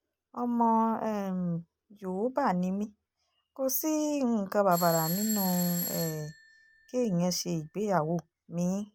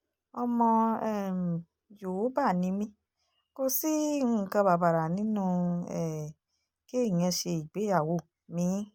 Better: second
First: background sound (Bell / Doorbell); 9 dB below the speech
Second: none

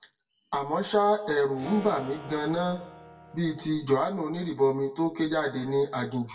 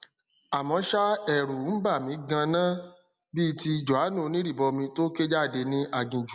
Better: second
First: background sound (Acoustic guitar / Strum); 17 dB below the speech // room echo; dies away in 0.2 s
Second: none

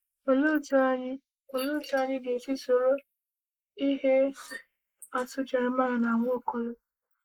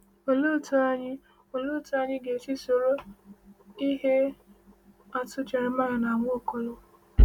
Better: second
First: noise reduction (neural mask model Resemble Enhance denoiser)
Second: none

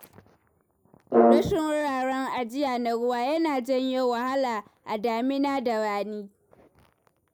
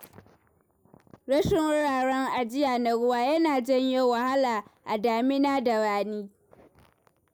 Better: second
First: background sound (Brass instrument); 5 dB above the speech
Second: none

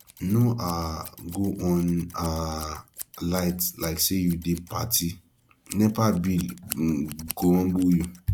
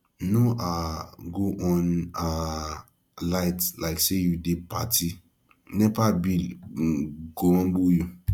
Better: second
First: background sound (Scissors); 19 dB below the speech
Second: none

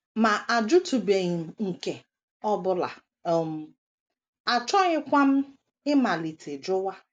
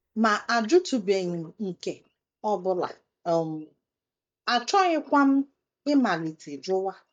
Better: first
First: none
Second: noise reduction (neural mask model DeepFilterNet 3)

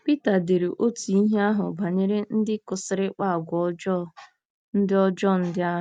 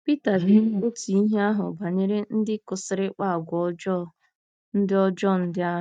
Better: first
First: none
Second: noise reduction (neural mask model DeepFilterNet 3)

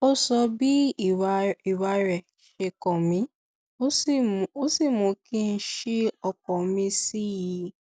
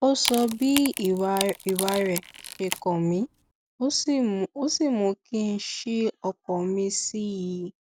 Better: first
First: none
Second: background sound (Wood); 8 dB below the speech

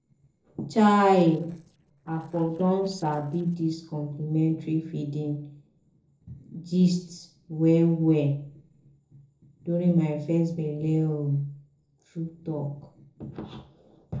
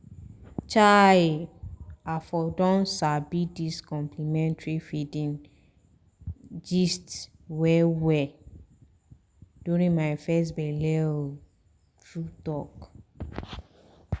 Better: second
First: noise reduction (neural separator model SepFormer DNS4)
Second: none

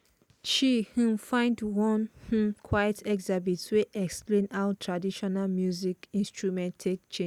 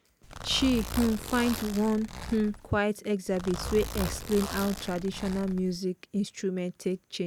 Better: first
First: none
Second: background sound (Zipper (clothing)); 8 dB below the speech

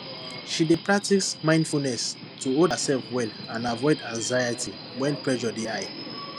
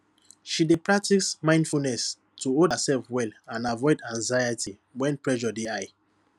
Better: second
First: background sound (Subway, metro, underground); 12 dB below the speech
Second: none

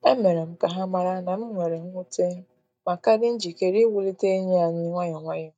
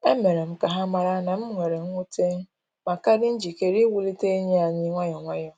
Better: second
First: noise reduction (neural mask model DeepFilterNet 3)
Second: none

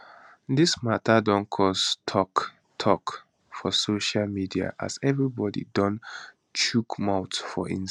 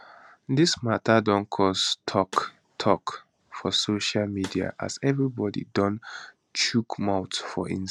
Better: first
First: none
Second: background sound (Snare drum); 17 dB below the speech

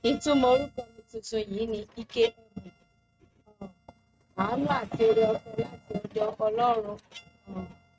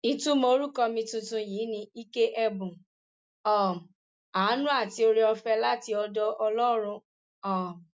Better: second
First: noise reduction (neural mask model RNNoise)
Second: none

